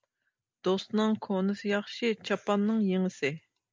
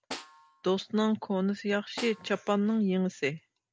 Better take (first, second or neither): first